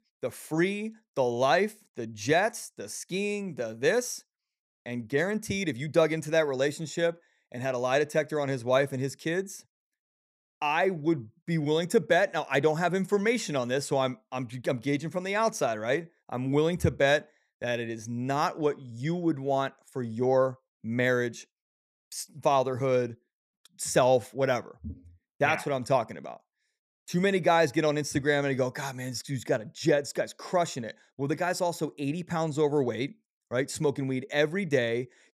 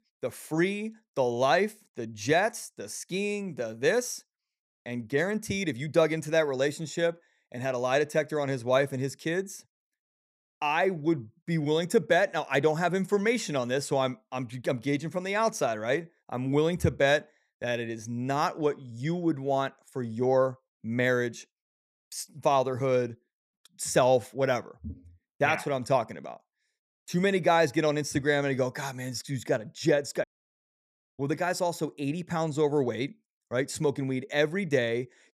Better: first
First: none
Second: audio cutting out; at 30 s for 1 s

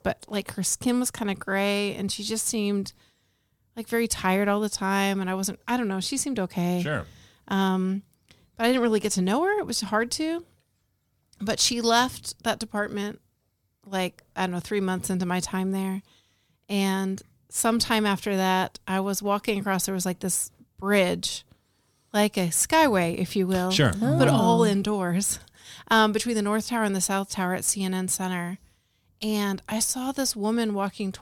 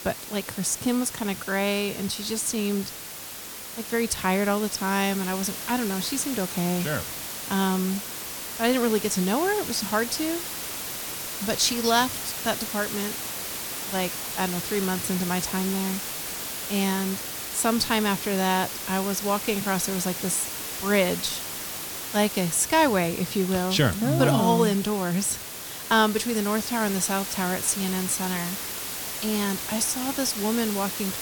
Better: first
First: none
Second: hiss; loud; throughout; 6 dB below the speech

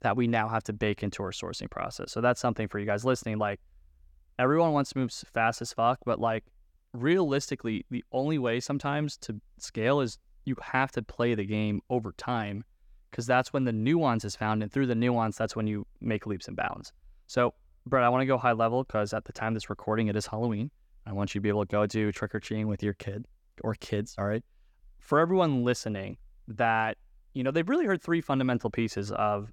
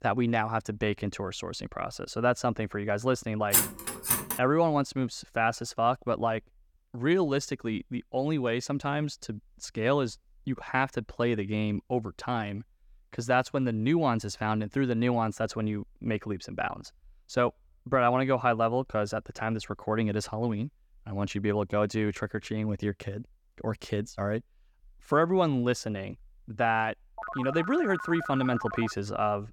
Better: first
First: none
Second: clattering dishes; loud; at 3.5 s; peak 6 dB above the speech // phone ringing; noticeable; from 27 to 29 s; peak 7 dB below the speech

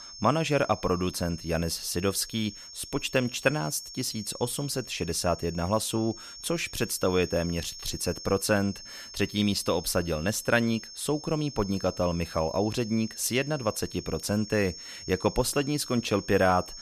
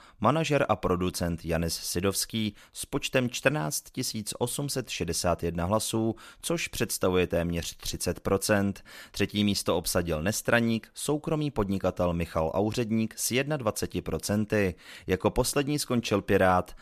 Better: second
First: high-pitched whine; noticeable; throughout; 5.5 kHz, 15 dB below the speech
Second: none

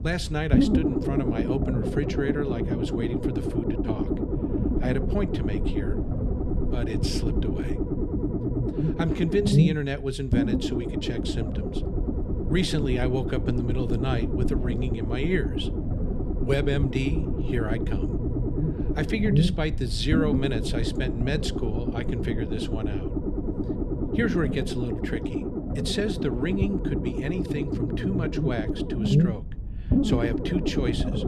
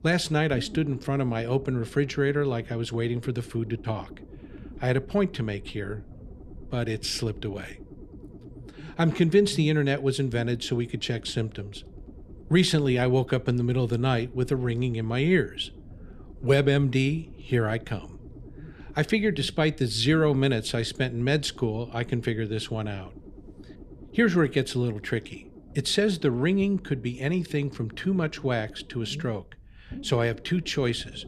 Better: second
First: low rumble; loud; throughout; 1 dB below the speech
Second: low rumble; faint; throughout; 20 dB below the speech

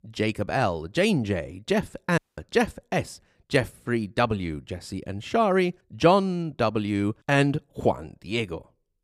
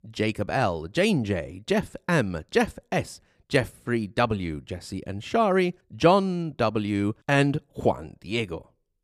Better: second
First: audio cutting out; at 2 s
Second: none

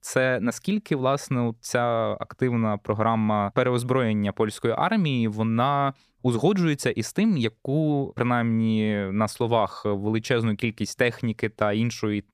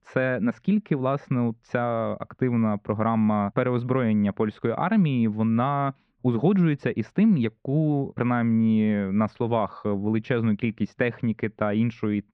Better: first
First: none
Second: muffled; very; fading above 2.5 kHz

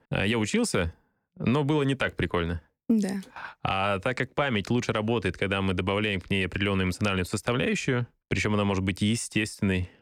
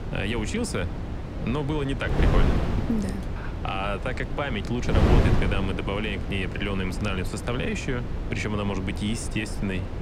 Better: first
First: none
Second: wind noise on the microphone; heavy; 4 dB below the speech

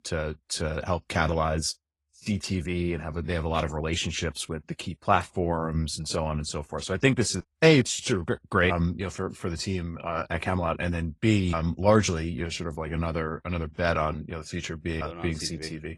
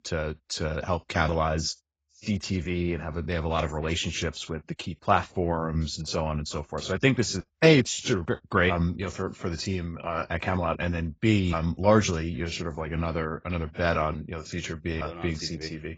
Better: first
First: garbled, watery; slightly; nothing above 11 kHz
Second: garbled, watery; badly; nothing above 7.5 kHz

